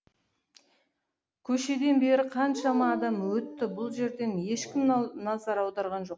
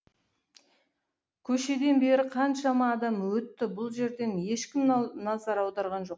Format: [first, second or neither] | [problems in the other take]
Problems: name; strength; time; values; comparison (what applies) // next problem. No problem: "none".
second | background sound (Dog); 12 dB below the speech